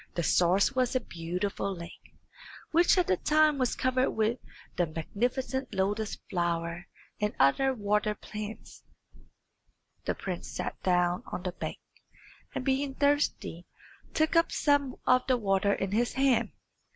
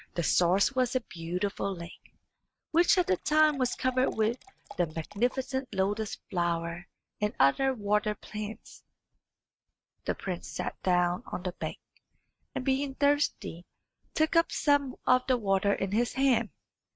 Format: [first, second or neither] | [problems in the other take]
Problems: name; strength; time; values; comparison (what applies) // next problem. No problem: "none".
first | noise reduction (neural mask model RNNoise)